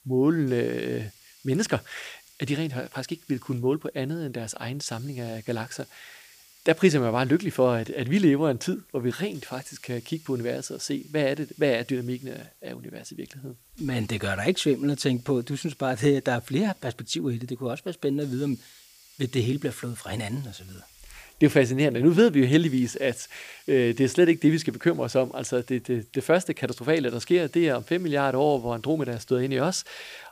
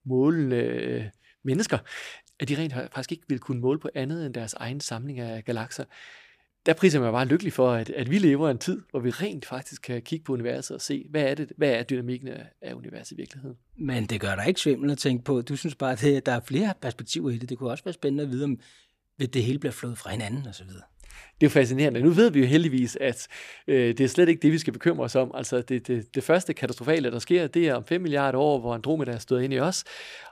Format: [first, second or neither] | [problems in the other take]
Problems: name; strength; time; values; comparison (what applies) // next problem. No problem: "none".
second | hiss; faint; throughout; 25 dB below the speech